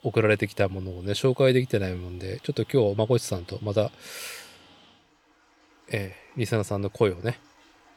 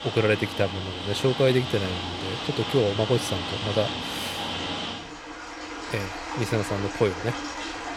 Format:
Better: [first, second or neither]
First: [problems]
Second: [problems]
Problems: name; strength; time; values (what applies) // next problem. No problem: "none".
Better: first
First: rain or running water; faint; throughout; 30 dB below the speech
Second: rain or running water; loud; throughout; 4 dB below the speech